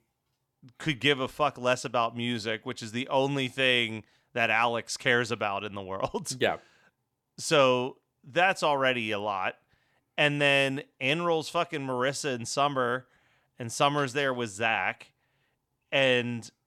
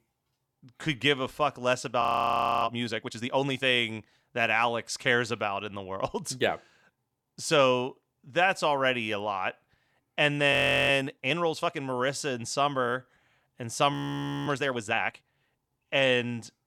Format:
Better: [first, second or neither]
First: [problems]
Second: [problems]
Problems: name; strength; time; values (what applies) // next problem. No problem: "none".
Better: first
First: none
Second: audio freezing; at 2 s for 0.5 s, at 11 s and at 14 s for 0.5 s